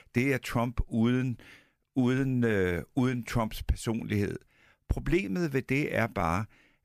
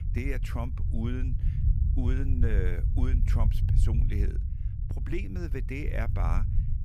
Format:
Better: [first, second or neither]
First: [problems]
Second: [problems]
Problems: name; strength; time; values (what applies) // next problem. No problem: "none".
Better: first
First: none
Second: low rumble; loud; throughout; 6 dB below the speech